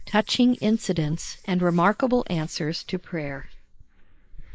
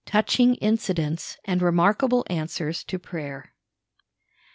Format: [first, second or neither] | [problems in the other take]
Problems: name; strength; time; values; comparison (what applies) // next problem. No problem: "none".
second | noise reduction (neural mask model Resemble Enhance denoiser)